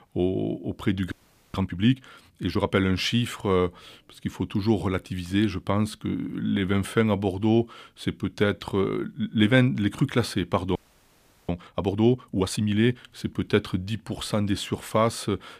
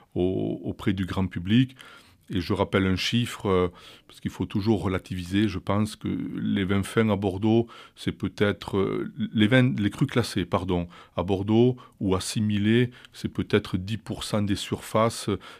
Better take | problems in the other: second | audio freezing; at 1 s and at 11 s for 0.5 s

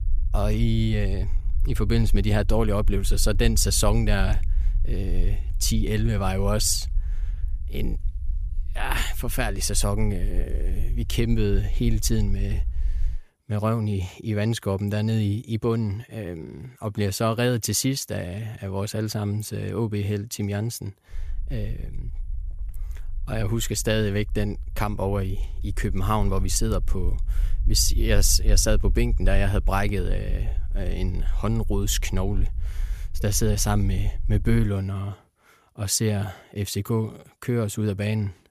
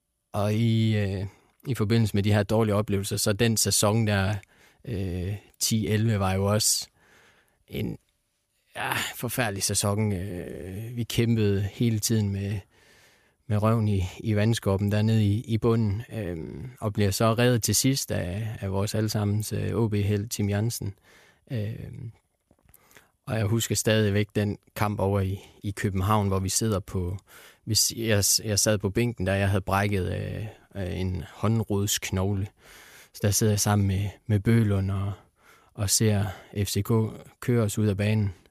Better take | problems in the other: second | low rumble; faint; until 13 s and from 21 to 35 s; 25 dB below the speech

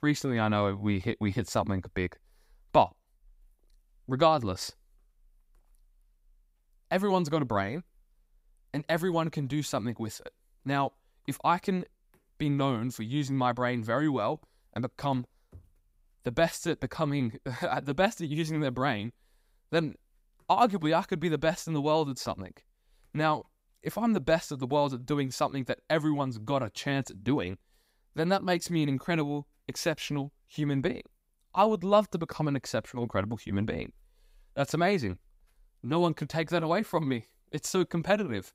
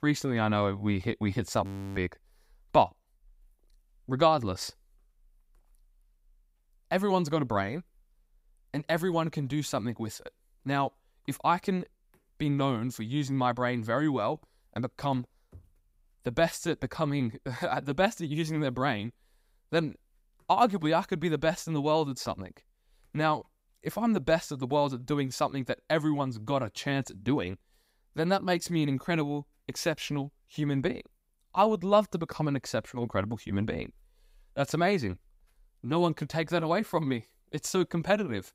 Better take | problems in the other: first | audio freezing; at 1.5 s

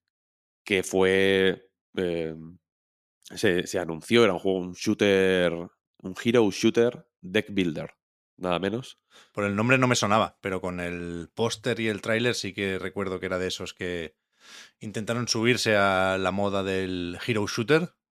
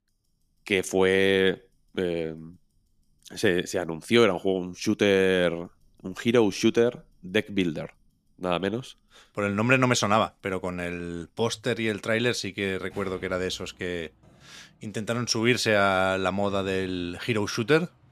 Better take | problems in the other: first | household noises; faint; throughout; 30 dB below the speech

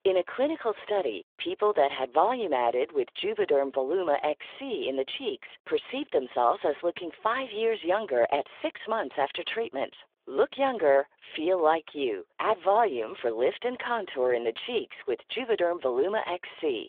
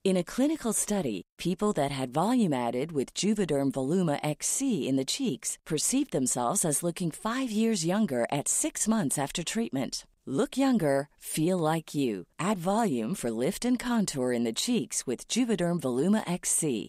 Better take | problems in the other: second | phone-call audio

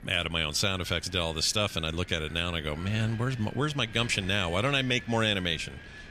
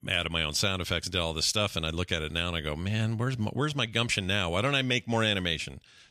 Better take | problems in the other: second | wind noise on the microphone; occasional gusts; 15 dB below the speech

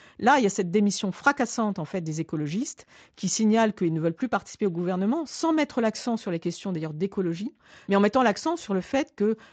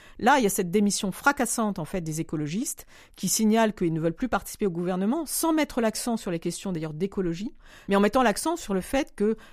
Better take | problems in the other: second | garbled, watery; slightly; nothing above 7.5 kHz

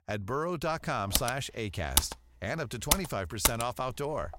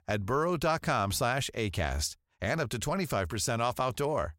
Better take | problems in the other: second | keyboard typing; loud; from 1 to 3.5 s; peak 6 dB above the speech

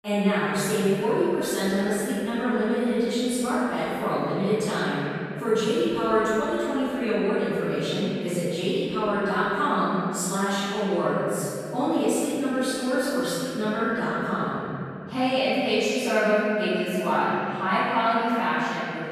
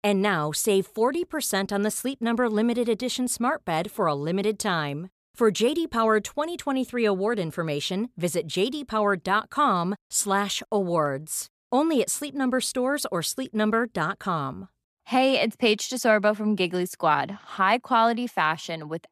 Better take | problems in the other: second | room echo; strong; dies away in 2.9 s // off-mic speech; far

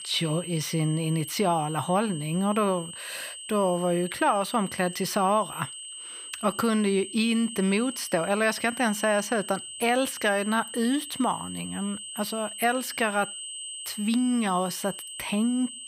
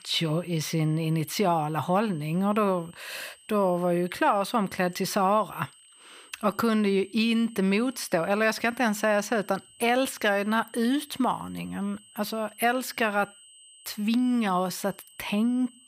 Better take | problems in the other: second | high-pitched whine; loud; throughout; 8.5 kHz, 10 dB below the speech; faint in the second

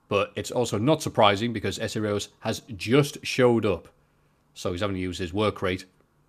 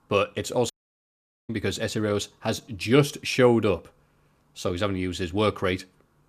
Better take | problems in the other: first | audio cutting out; at 0.5 s for 1 s

